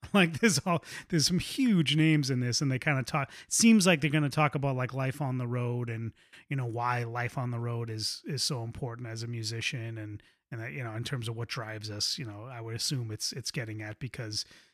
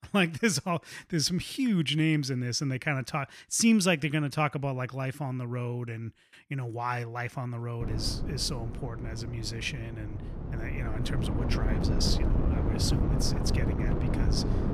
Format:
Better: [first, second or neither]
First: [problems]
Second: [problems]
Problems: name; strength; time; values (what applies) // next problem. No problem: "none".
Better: first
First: none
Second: wind noise on the microphone; heavy; from 8 s on; 7 dB below the speech